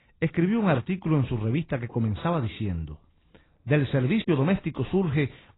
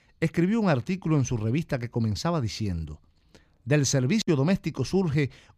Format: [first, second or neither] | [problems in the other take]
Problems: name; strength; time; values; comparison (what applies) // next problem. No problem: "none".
second | garbled, watery; badly; nothing above 4 kHz